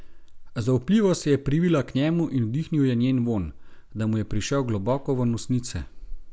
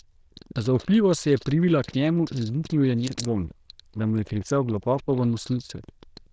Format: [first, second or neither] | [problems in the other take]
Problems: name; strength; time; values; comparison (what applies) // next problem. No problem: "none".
first | noise reduction (neural diffusion model UNIVERSE++)